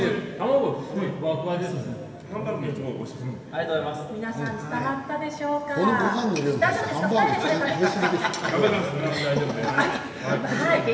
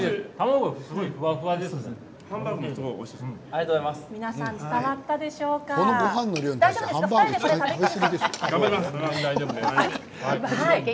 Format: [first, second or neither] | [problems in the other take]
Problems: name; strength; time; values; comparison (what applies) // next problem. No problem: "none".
second | background sound (Brass instrument); 18 dB below the speech // room echo; dies away in 2.5 s